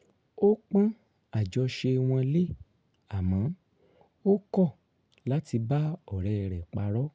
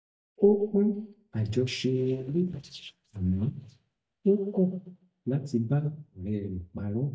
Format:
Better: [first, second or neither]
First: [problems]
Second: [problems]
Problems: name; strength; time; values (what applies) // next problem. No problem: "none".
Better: first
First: none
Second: noise reduction (neural mask model DeepFilterNet 3)